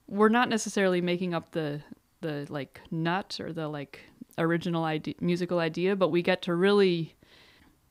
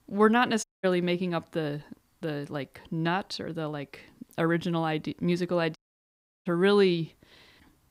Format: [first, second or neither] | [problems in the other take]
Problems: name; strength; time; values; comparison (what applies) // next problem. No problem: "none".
first | audio cutting out; at 0.5 s and at 6 s for 0.5 s